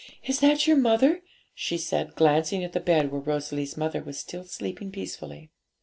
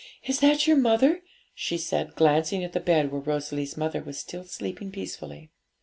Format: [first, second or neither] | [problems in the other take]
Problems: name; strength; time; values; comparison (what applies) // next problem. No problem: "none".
second | noise reduction (neural separator model SepFormer DNS4)